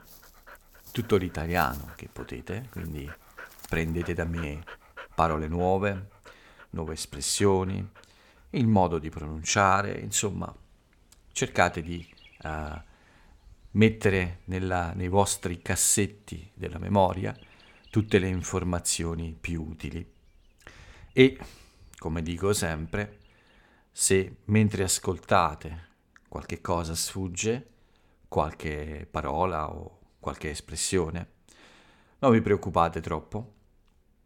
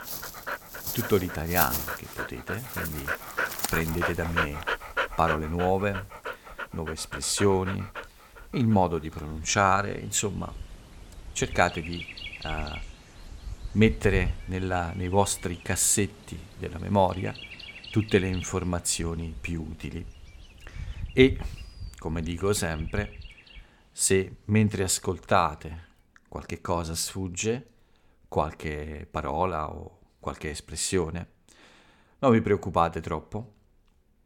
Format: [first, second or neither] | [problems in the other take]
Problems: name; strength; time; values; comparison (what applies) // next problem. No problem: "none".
first | animal sounds; loud; throughout; 8 dB below the speech; faint in the first